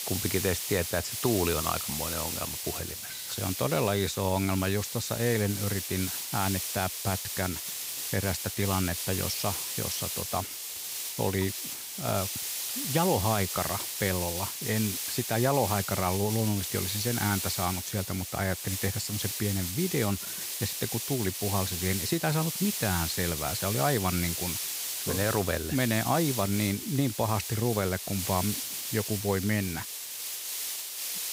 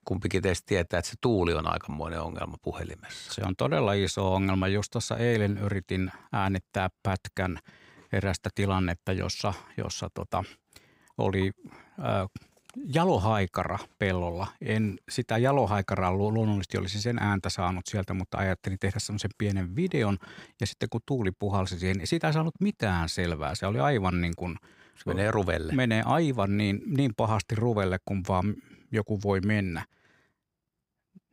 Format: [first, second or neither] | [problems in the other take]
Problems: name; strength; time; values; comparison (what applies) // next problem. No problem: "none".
second | hiss; loud; throughout; 2 dB below the speech